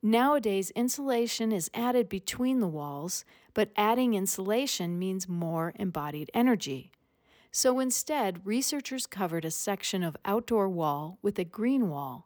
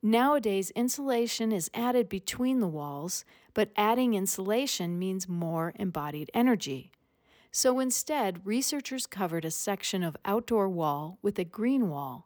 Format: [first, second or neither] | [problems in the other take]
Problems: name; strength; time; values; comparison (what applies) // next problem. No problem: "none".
neither | none